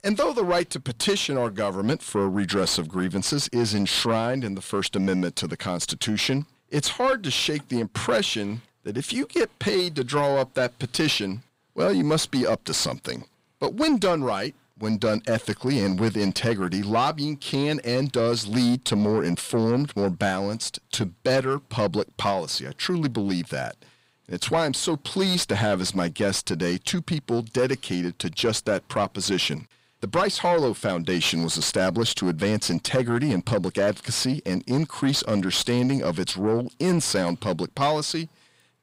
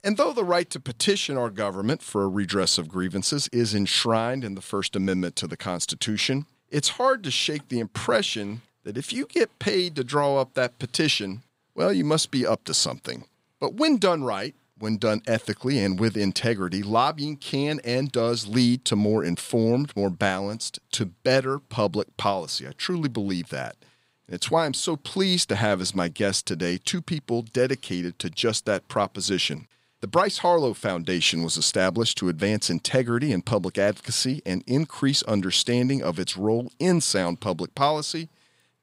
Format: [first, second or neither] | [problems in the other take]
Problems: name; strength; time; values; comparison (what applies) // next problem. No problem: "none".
second | distortion; slight; 10 dB below the speech